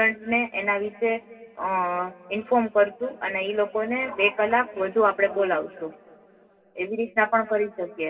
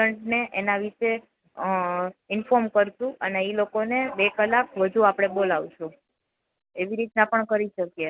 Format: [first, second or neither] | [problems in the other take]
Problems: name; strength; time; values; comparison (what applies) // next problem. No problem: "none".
second | room echo; dies away in 2.5 s